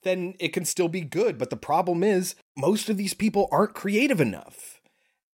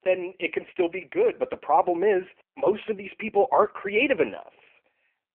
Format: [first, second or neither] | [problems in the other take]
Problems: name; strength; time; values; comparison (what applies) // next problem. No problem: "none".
first | phone-call audio; poor line